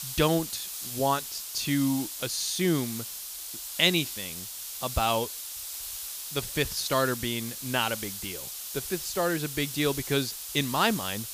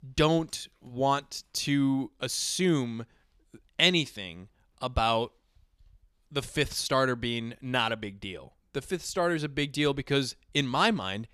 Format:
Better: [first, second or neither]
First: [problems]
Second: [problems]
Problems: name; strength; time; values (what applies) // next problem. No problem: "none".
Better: second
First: hiss; loud; throughout; 6 dB below the speech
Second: none